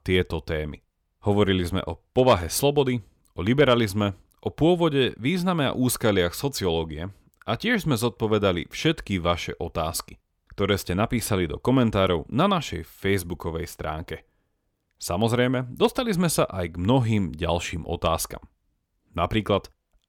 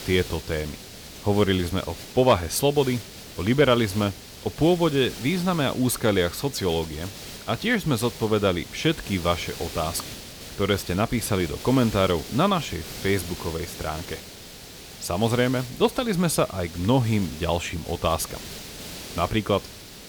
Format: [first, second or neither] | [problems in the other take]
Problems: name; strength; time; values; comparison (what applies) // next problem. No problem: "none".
first | hiss; noticeable; throughout; 15 dB below the speech